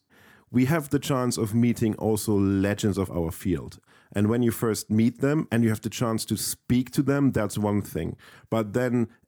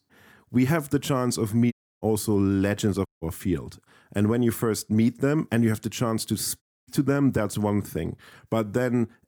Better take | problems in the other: first | audio cutting out; at 1.5 s, at 3 s and at 6.5 s

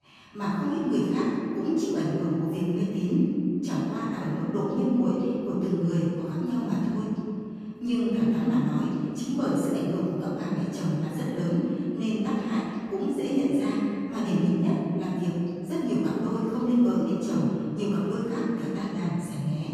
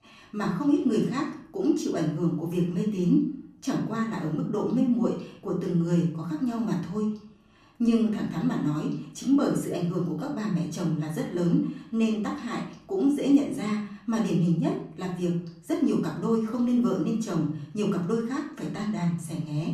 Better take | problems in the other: second | room echo; strong; dies away in 2.4 s; slight in the second // off-mic speech; far; far in the second

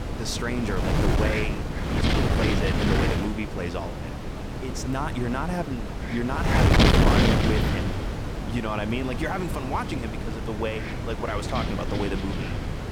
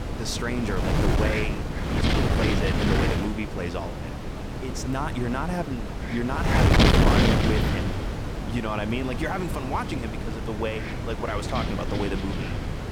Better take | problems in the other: neither | wind noise on the microphone; heavy; 2 dB above the speech; the same in both

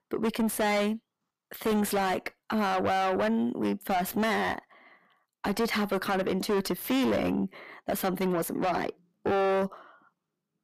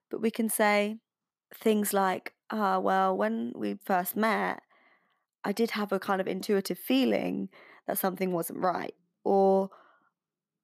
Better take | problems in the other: second | distortion; heavy; 5 dB below the speech

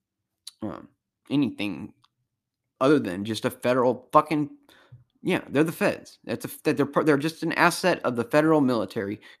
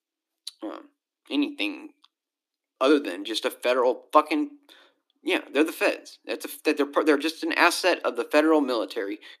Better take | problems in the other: first | thin; very slightly; fading below 300 Hz

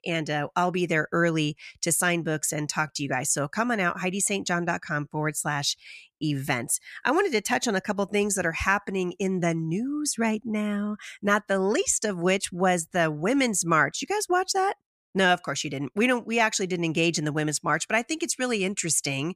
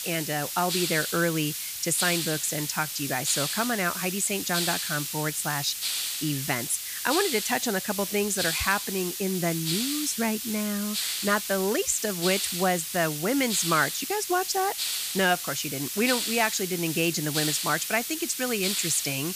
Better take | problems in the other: first | hiss; loud; throughout; 2 dB below the speech

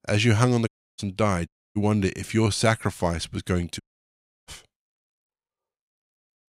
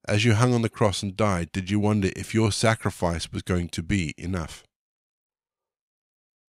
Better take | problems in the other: second | audio cutting out; at 0.5 s, at 1.5 s and at 4 s for 0.5 s

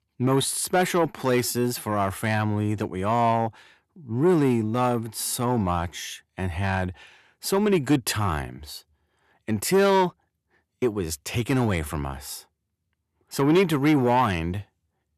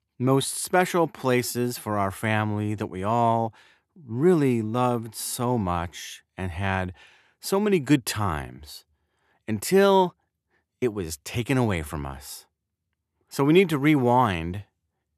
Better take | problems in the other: second | distortion; slight; 10 dB below the speech

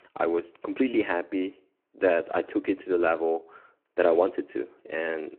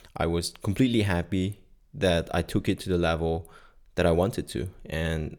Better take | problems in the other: second | phone-call audio

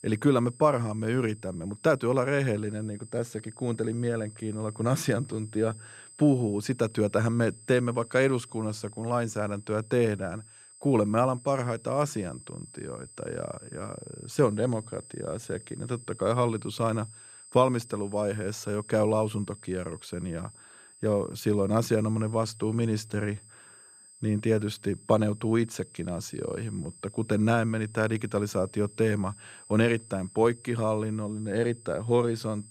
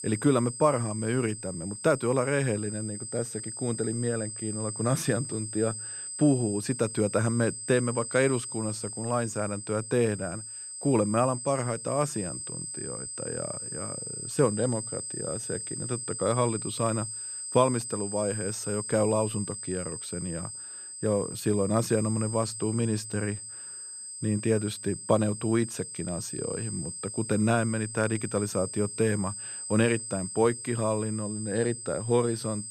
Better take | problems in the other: first | high-pitched whine; loud; throughout; 8 kHz, 7 dB below the speech; faint in the first

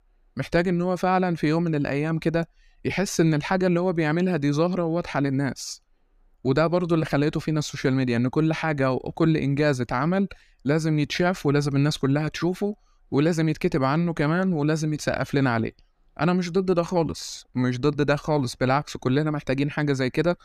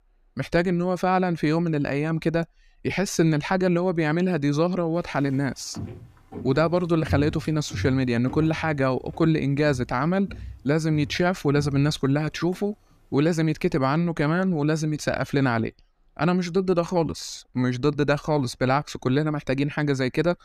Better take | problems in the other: first | footsteps; noticeable; from 6 to 12 s; peak 7 dB below the speech

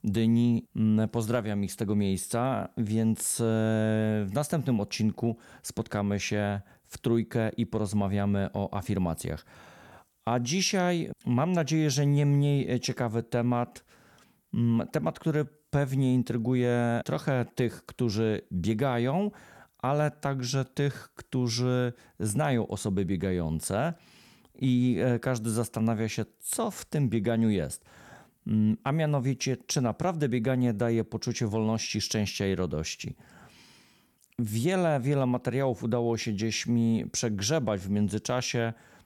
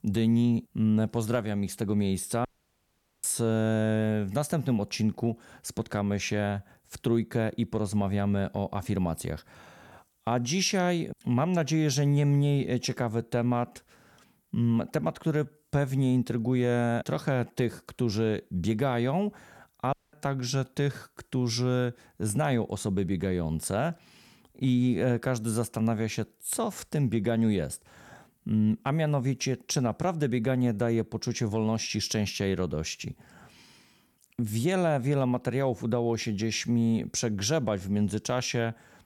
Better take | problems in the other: first | audio cutting out; at 2.5 s for 1 s and at 20 s

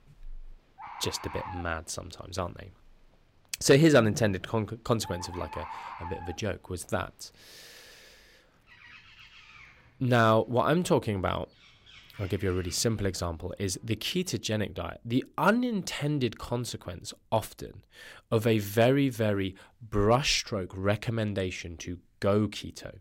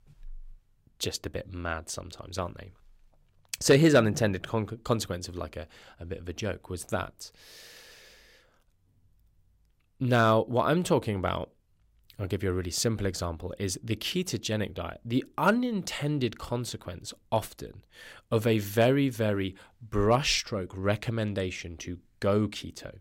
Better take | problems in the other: second | animal sounds; noticeable; until 14 s; 15 dB below the speech

